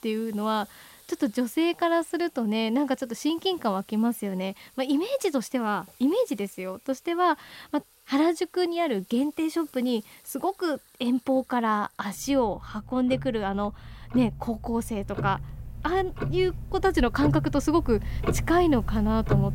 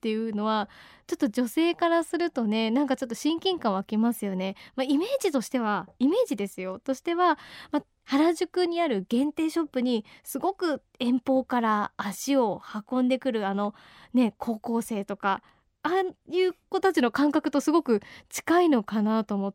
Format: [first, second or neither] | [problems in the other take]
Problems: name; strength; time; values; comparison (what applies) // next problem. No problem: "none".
second | household noises; loud; throughout; 7 dB below the speech